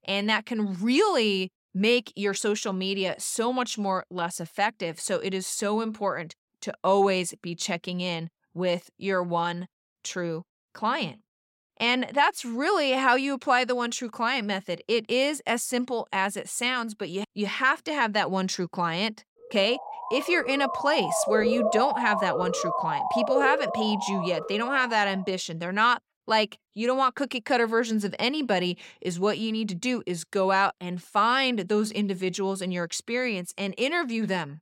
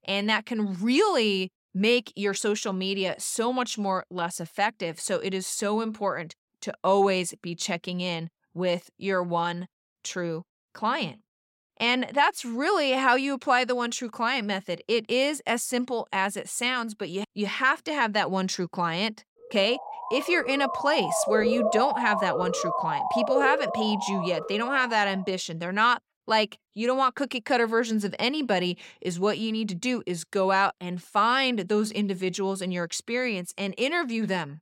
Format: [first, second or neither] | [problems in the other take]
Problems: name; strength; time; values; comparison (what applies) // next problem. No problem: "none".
neither | siren; loud; from 20 to 25 s; peak 1 dB above the speech; the same in both